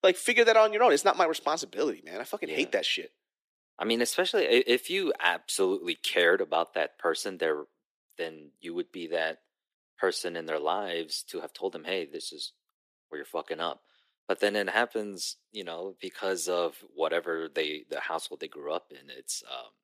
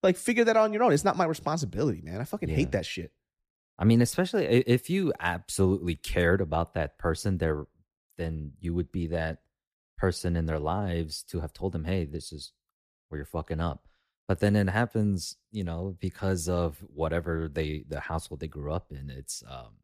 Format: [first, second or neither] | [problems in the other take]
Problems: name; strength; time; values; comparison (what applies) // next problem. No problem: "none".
second | thin; very; fading below 350 Hz